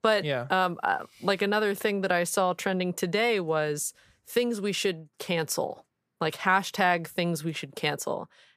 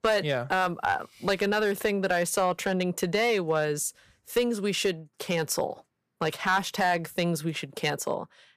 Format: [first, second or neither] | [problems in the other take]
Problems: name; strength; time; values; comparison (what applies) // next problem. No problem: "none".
first | distortion; slight; 2% of the sound clipped